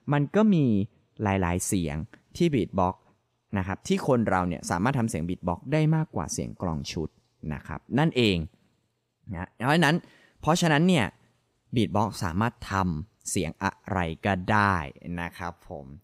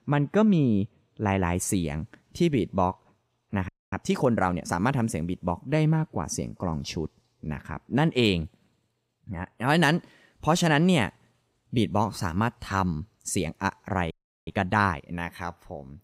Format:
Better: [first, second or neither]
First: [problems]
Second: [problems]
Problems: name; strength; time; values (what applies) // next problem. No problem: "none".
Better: first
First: none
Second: audio freezing; at 3.5 s and at 14 s